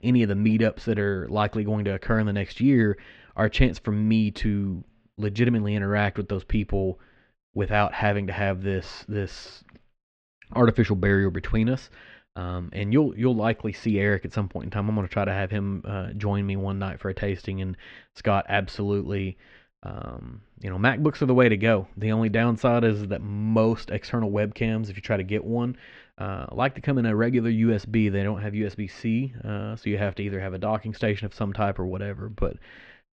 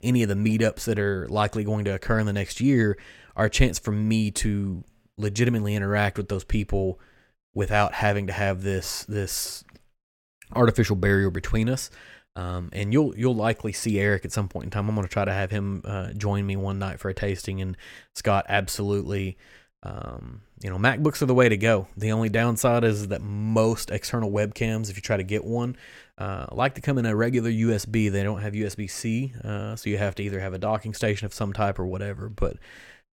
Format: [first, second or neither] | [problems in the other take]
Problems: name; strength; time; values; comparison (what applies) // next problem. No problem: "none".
second | muffled; slightly; fading above 4 kHz